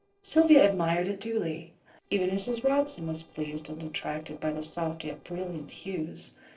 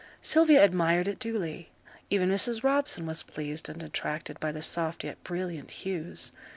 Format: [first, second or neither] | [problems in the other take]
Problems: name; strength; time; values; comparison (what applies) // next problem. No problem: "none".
second | noise reduction (neural separator model SepFormer DNS4)